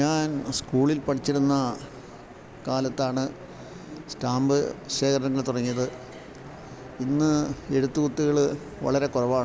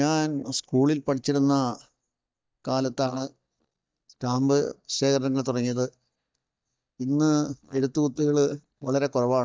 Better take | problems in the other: first | noise reduction (neural mask model DeepFilterNet 3)

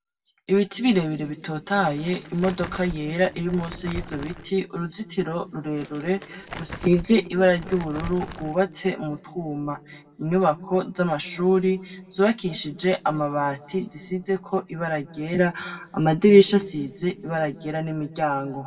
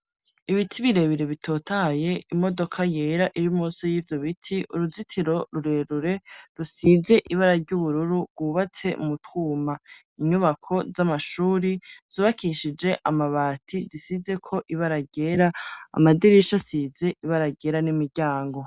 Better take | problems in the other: second | background sound (Crumpling, crinkling); 15 dB below the speech // room echo; dies away in 1.5 s

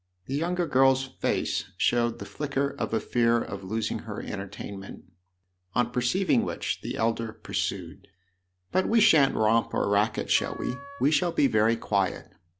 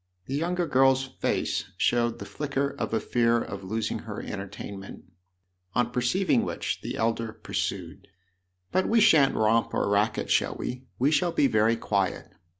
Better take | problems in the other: second | background sound (Wind instrument, woodwind instrument); 18 dB below the speech

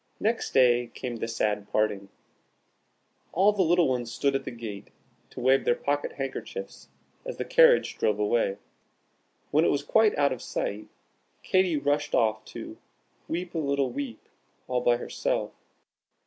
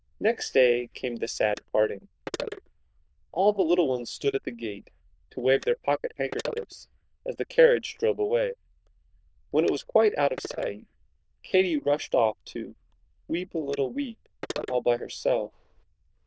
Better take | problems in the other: first | noise reduction (neural diffusion model UNIVERSE++)

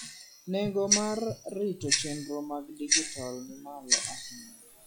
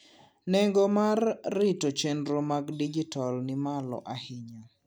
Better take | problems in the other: second | noise reduction (classical method log-MMSE)

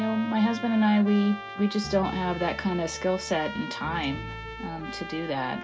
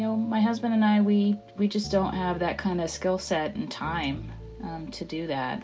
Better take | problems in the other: second | background sound (Trumpet); 12 dB below the speech

